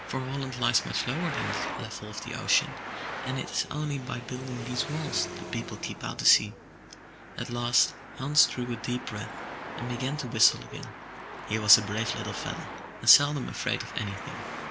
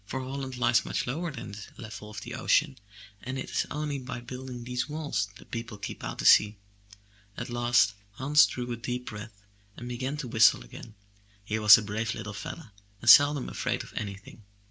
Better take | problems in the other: second | background sound (Traffic noise, roadway noise); 9 dB below the speech

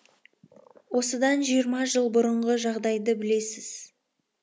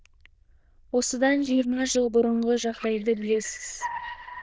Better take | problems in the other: first | noise reduction (neural diffusion model UNIVERSE++)

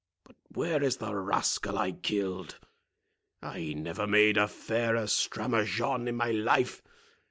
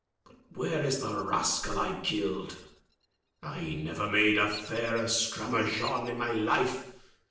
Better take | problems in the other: first | noise reduction (neural separator model SepFormer DNS4)

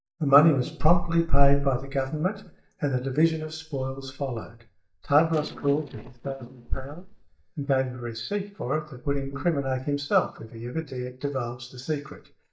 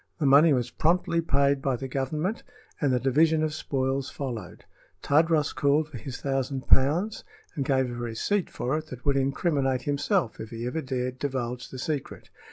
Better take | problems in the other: second | noise reduction (neural mask model DeepFilterNet 3)

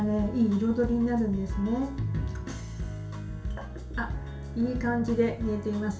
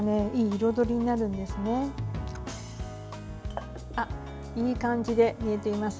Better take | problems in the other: second | room echo; dies away in 0.4 s

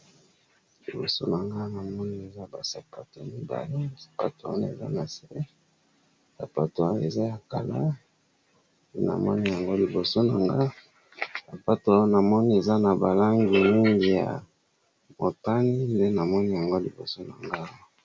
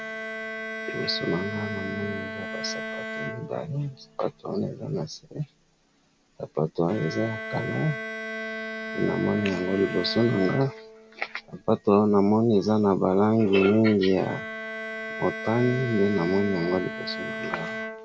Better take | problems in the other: first | background sound (Bowed string instrument); 10 dB below the speech

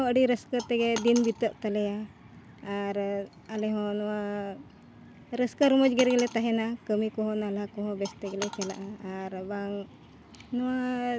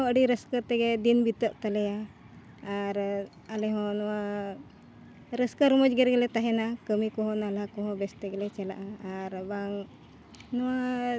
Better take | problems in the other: second | background sound (Coin (dropping)); 13 dB below the speech

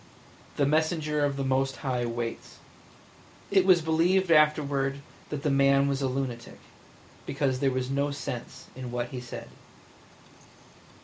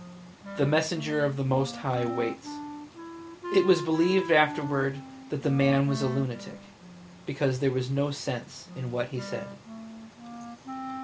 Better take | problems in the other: first | background sound (Wind instrument, woodwind instrument); 12 dB below the speech

